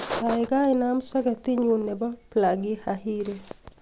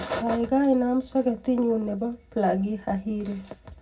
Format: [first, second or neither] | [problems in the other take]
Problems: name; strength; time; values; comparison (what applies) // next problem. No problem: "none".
first | room echo; dies away in 0.4 s